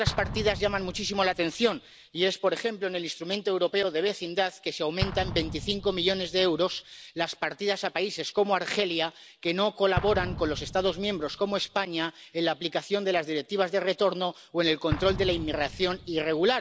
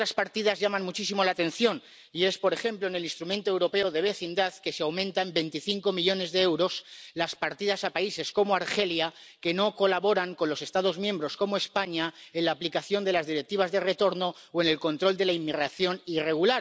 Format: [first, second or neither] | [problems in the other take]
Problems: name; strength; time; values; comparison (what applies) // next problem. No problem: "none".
second | background sound (Explosion); 12 dB below the speech